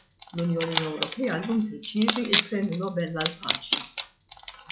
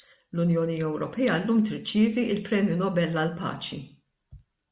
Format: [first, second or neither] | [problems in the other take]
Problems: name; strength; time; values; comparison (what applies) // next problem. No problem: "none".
second | noise reduction (classical method log-MMSE)